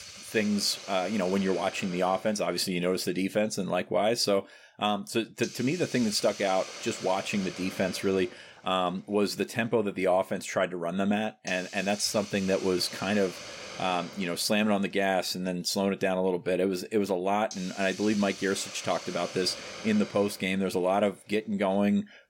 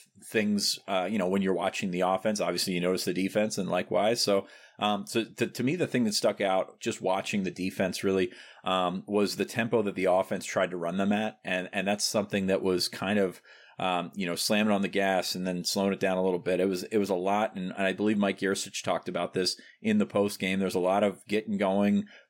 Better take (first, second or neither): second